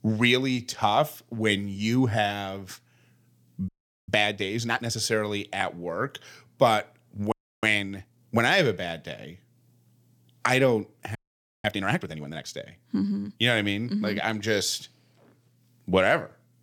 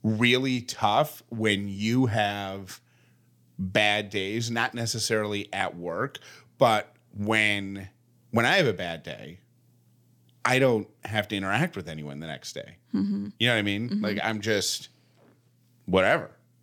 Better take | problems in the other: second | audio freezing; at 3.5 s, at 7.5 s and at 11 s

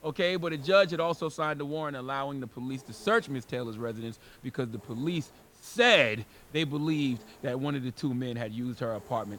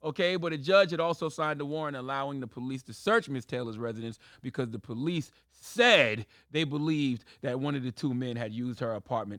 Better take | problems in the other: second | hiss; faint; throughout; 25 dB below the speech

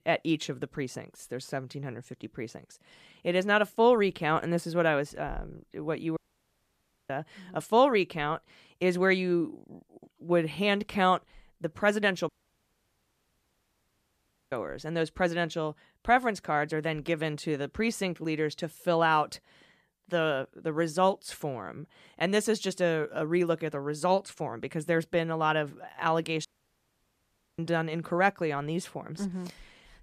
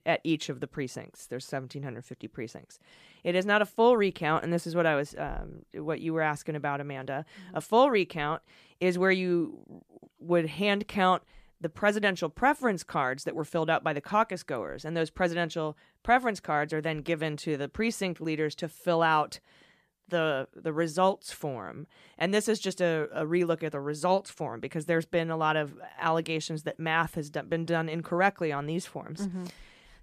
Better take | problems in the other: second | audio cutting out; at 6 s for 1 s, at 12 s for 2 s and at 26 s for 1 s

